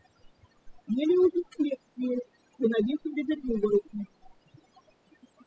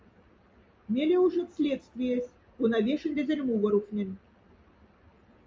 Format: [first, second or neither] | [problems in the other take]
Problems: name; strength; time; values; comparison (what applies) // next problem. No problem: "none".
second | noise reduction (classical method spectral subtraction)